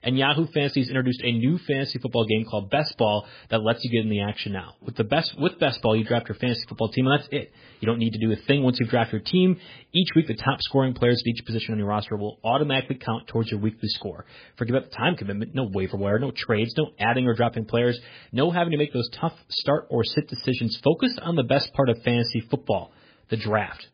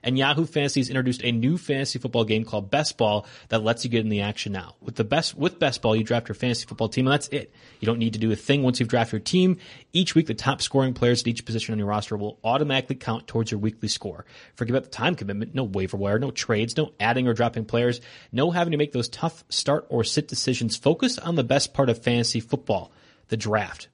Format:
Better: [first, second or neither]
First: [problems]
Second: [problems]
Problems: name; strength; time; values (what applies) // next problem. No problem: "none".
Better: second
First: garbled, watery; badly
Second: garbled, watery; slightly; nothing above 10 kHz